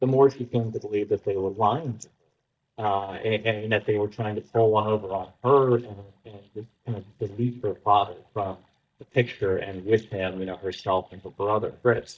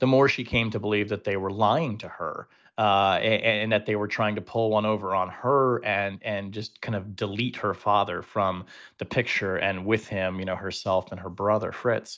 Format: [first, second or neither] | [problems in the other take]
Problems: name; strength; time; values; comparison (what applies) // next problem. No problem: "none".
second | noise reduction (neural mask model DeepFilterNet 3)